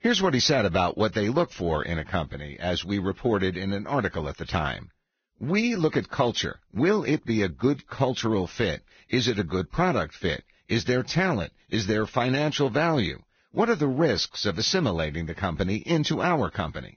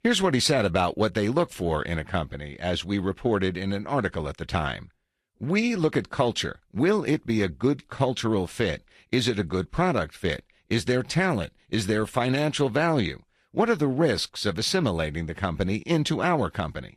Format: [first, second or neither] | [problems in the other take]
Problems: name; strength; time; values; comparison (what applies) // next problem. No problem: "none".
second | garbled, watery; badly; nothing above 6.5 kHz; slightly in the second